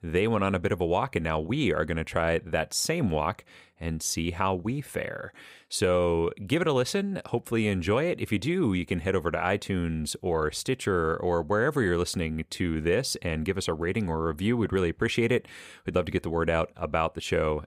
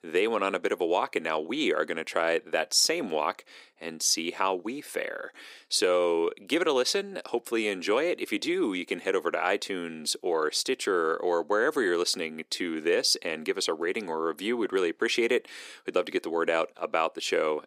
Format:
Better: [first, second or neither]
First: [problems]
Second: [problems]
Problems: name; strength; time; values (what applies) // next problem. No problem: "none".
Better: first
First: none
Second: thin; somewhat; fading below 300 Hz